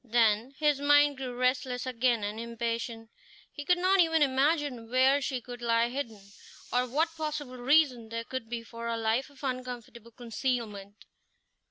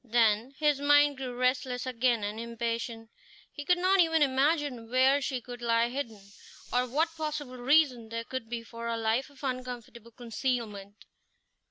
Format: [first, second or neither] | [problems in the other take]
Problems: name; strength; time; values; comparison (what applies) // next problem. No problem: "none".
first | background sound (Whoosh, swoosh, swish); 20 dB below the speech